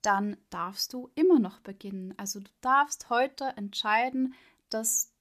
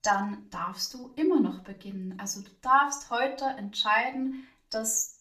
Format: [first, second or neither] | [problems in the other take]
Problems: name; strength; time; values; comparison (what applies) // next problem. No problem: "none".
first | room echo; very slight; dies away in 0.3 s // off-mic speech; far